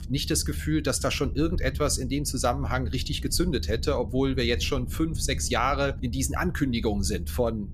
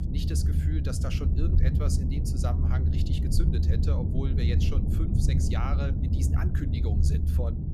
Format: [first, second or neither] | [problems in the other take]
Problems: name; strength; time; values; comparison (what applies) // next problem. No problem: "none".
first | low rumble; loud; throughout; as loud as the speech; faint in the first